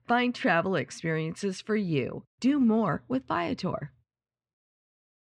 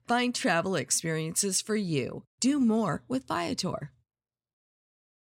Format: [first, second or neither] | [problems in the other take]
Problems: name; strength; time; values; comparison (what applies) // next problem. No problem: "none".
second | muffled; very; fading above 2.5 kHz